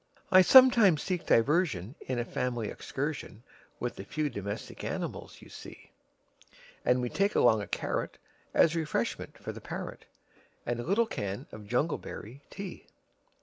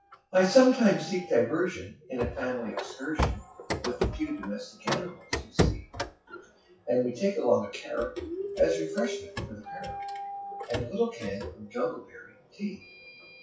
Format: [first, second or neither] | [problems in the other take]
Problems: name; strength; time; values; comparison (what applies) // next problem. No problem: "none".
first | noise reduction (classical method WPE with log-MMSE)